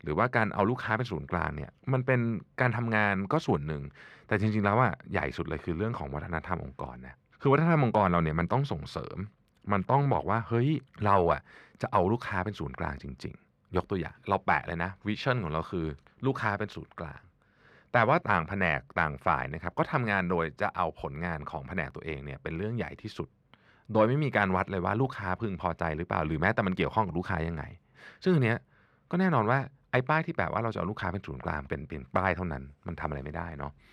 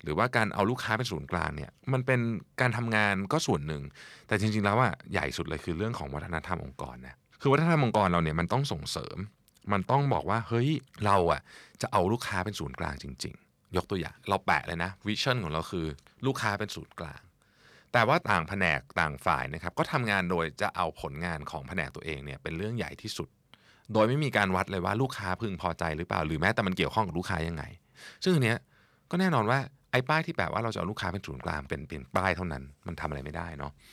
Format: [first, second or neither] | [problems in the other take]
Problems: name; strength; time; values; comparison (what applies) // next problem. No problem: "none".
second | muffled; slightly; fading above 3.5 kHz